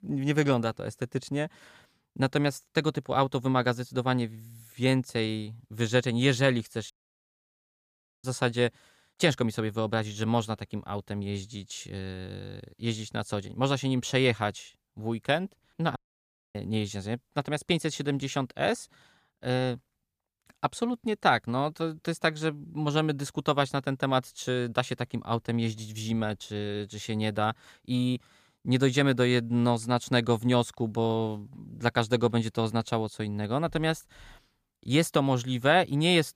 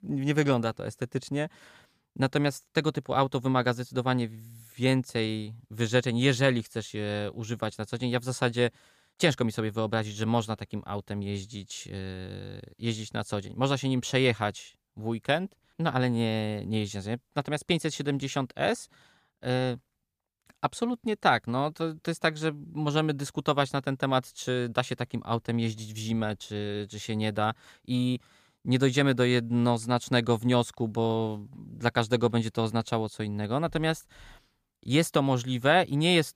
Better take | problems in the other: second | audio cutting out; at 7 s for 1.5 s and at 16 s for 0.5 s

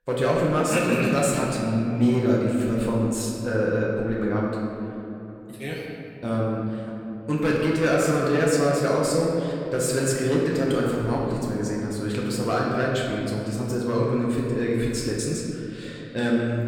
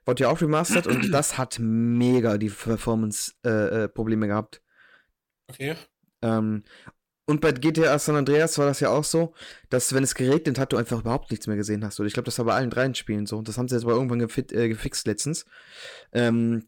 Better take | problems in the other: second | room echo; noticeable; dies away in 2.7 s // off-mic speech; far

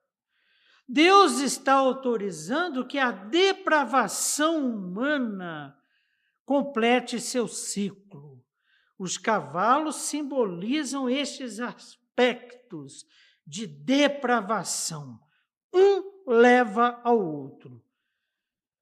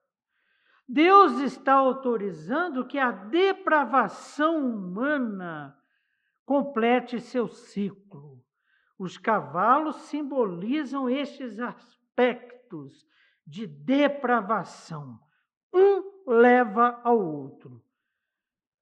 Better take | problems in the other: first | muffled; very; fading above 2 kHz

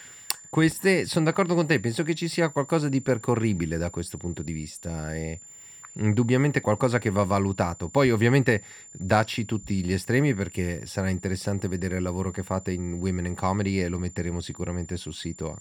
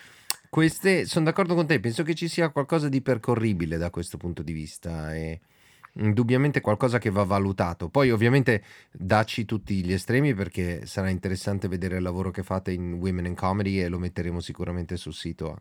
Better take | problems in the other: second | high-pitched whine; noticeable; throughout; 7 kHz, 20 dB below the speech

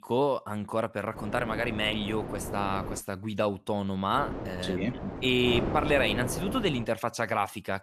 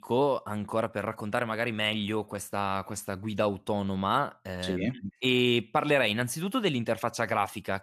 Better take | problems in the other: second | wind noise on the microphone; heavy; from 1 to 3 s and from 4 to 7 s; 9 dB below the speech

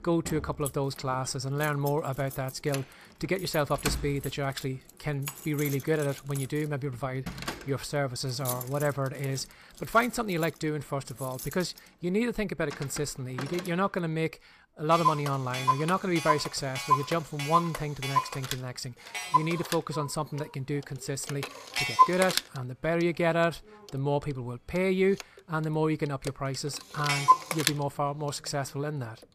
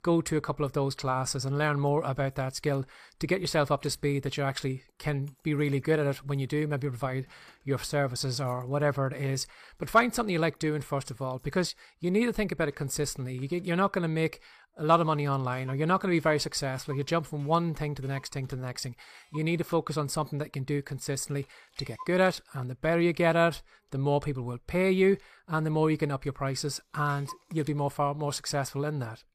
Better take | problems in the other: second | household noises; loud; throughout; 1 dB below the speech; faint in the second

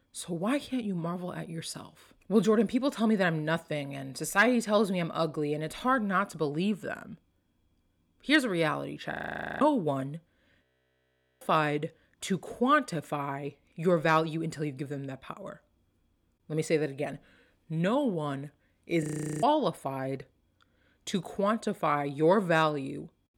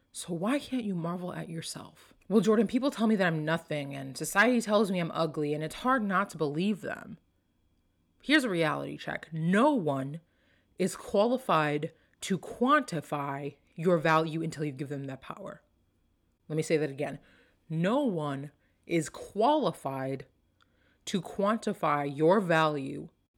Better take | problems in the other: second | audio freezing; at 9 s, at 11 s for 1 s and at 19 s

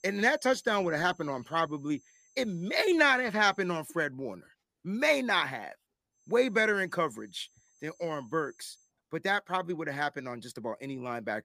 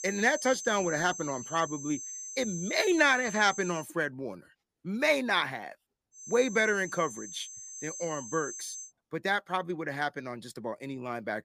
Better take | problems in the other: first | high-pitched whine; loud; until 4 s and from 6 to 9 s; 6 kHz, 10 dB below the speech; faint in the first

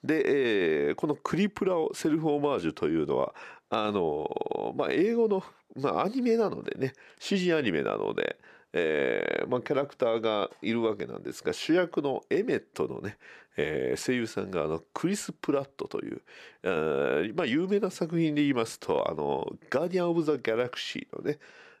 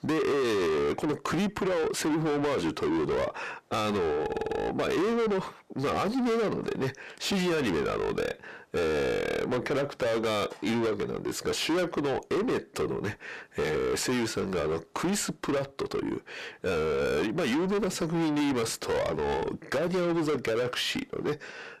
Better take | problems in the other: first | distortion; heavy; 6 dB below the speech

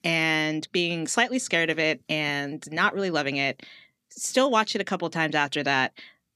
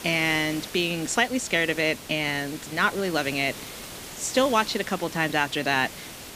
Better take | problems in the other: first | hiss; noticeable; throughout; 15 dB below the speech

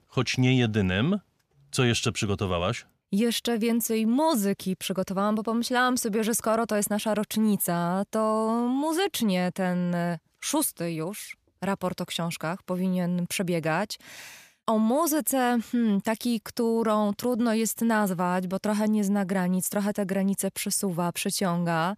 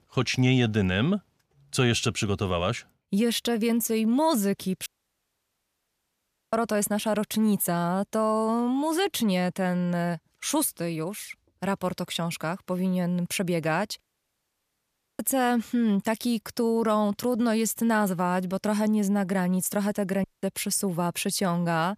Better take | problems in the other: first | audio cutting out; at 5 s for 1.5 s, at 14 s for 1 s and at 20 s

